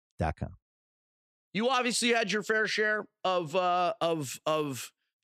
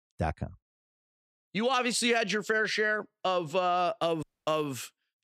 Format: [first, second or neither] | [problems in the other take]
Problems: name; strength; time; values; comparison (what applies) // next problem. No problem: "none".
first | audio cutting out; at 4 s